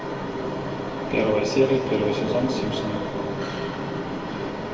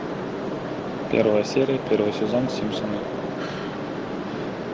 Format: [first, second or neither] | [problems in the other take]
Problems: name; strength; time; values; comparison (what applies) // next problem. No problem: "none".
second | room echo; dies away in 1.8 s